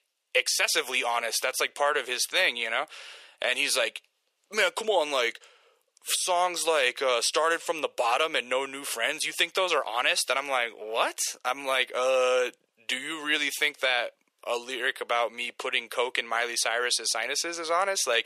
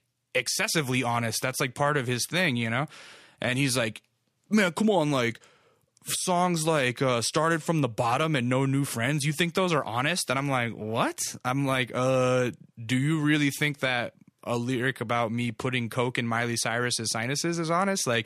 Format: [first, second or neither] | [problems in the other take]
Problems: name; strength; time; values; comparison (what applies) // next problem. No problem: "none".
second | thin; very; fading below 450 Hz